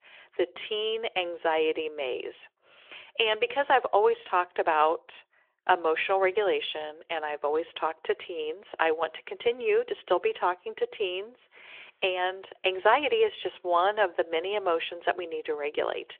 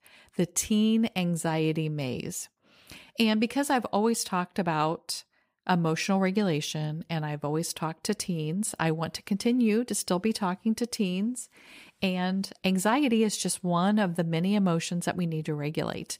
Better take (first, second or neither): second